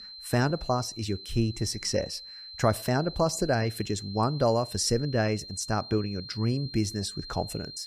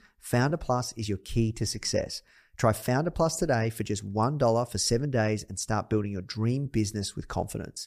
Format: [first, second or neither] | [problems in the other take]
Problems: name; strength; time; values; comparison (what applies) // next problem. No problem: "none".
second | high-pitched whine; noticeable; throughout; 4 kHz, 10 dB below the speech